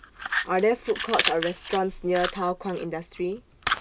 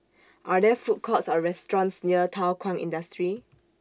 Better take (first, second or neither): second